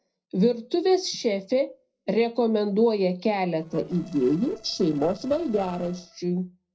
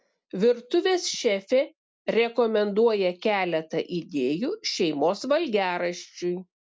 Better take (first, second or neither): second